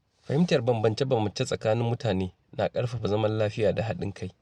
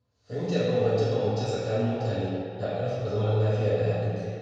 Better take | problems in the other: first | room echo; dies away in 1.9 s

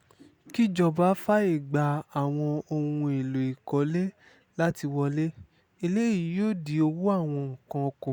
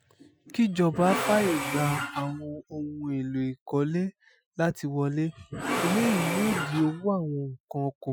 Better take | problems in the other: first | noise reduction (classical method Wiener filter)

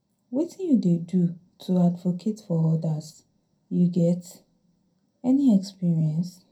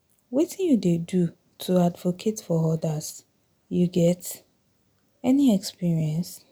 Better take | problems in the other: second | room echo; dies away in 0.2 s

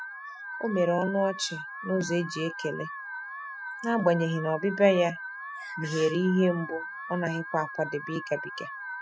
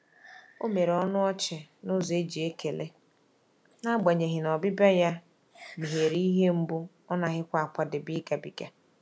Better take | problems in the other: second | noise reduction (classical method spectral subtraction)

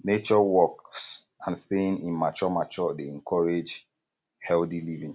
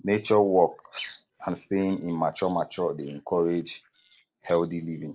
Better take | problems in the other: first | noise reduction (neural separator model SepFormer DNS4)

